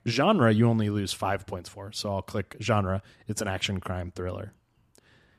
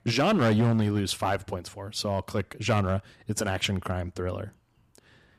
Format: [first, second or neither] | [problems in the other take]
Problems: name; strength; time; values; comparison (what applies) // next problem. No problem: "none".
first | distortion; slight; 4% of the sound clipped